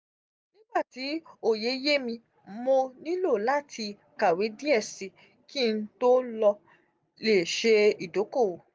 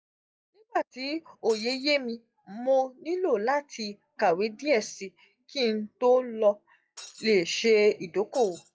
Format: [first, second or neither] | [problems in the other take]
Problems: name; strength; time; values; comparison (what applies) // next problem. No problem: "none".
first | noise reduction (classical method log-MMSE)